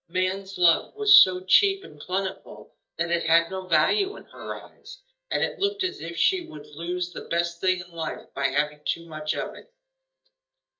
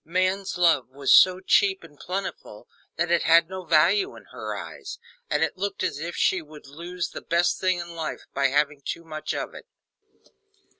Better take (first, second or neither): second